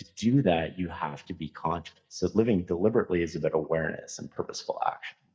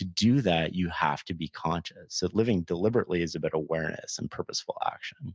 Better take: second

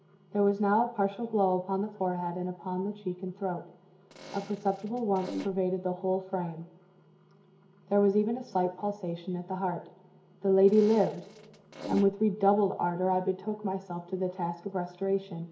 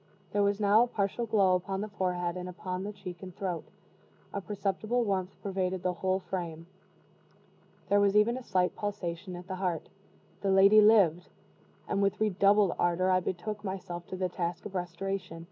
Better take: second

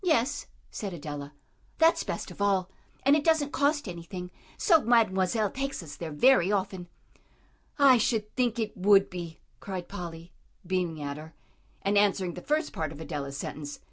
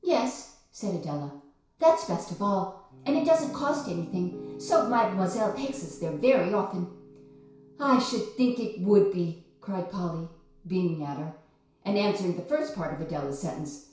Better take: first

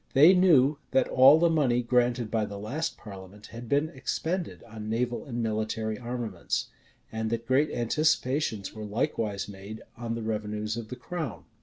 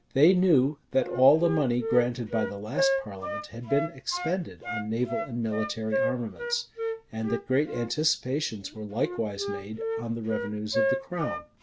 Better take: first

